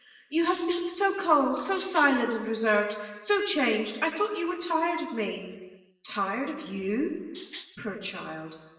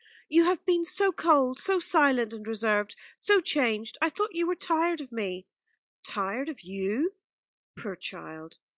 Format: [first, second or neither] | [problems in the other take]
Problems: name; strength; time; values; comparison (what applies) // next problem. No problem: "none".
second | background sound (Rattle (instrument)); 18 dB below the speech // room echo; dies away in 1.2 s